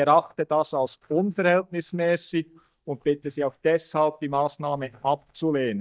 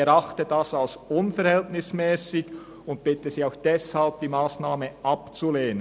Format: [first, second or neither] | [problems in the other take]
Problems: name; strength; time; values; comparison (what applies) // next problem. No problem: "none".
second | noise reduction (neural mask model DeepFilterNet 3)